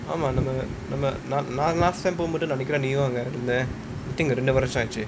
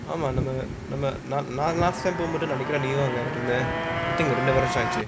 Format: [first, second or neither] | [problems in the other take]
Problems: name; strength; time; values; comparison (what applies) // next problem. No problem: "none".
first | background sound (Motorcycle); 3 dB below the speech